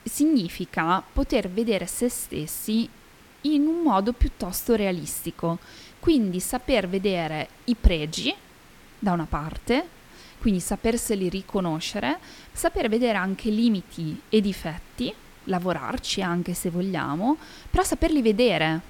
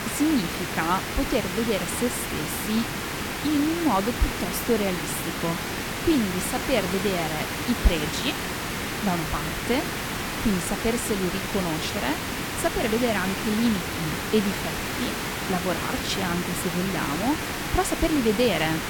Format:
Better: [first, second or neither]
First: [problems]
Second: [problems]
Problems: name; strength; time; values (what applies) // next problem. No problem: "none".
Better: first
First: hiss; faint; throughout; 25 dB below the speech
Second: hiss; loud; throughout; 2 dB below the speech